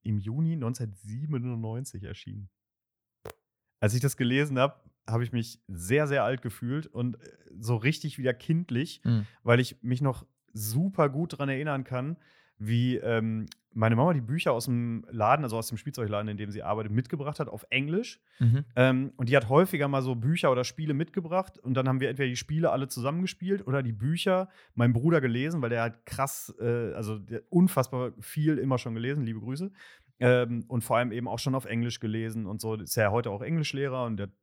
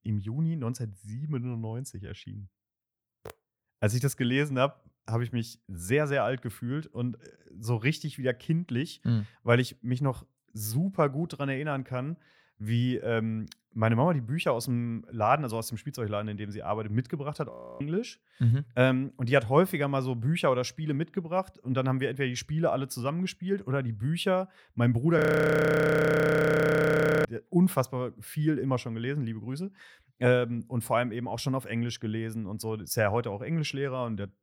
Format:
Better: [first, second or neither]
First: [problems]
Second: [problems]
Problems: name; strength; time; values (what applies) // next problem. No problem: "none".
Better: first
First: none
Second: audio freezing; at 18 s and at 25 s for 2 s